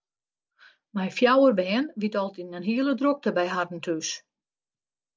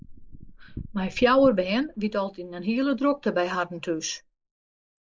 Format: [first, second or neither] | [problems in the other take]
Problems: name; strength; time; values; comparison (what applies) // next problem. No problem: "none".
first | noise reduction (neural mask model Resemble Enhance denoiser)